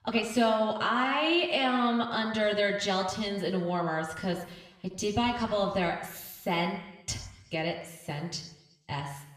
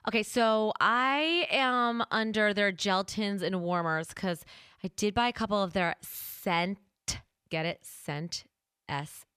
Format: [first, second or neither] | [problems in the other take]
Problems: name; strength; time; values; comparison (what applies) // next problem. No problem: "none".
second | room echo; slight; dies away in 0.8 s // off-mic speech; somewhat distant